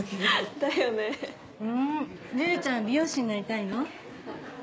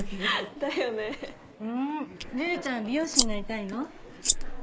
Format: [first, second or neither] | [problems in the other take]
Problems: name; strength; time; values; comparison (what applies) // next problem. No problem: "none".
first | noise reduction (neural mask model Resemble Enhance denoiser)